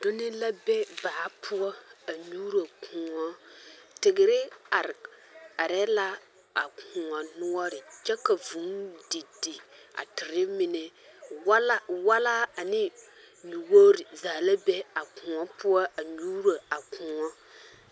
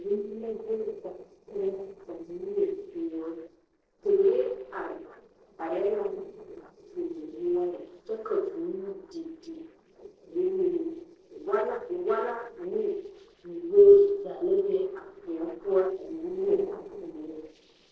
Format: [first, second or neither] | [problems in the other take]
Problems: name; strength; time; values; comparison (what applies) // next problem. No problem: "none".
first | noise reduction (neural separator model SepFormer DNS4)